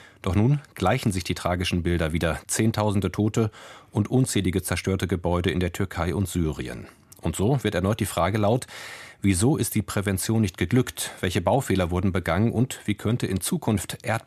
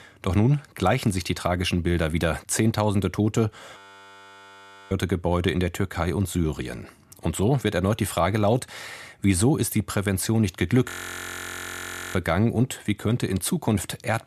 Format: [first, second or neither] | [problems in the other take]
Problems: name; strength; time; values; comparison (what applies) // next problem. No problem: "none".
first | audio freezing; at 4 s for 1 s and at 11 s for 1.5 s